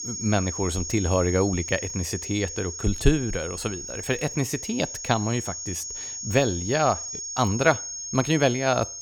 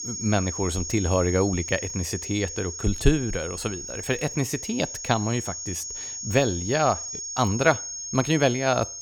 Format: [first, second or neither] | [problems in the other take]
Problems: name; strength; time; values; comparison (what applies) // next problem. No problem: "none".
neither | high-pitched whine; loud; throughout; 6.5 kHz, 6 dB below the speech; the same in both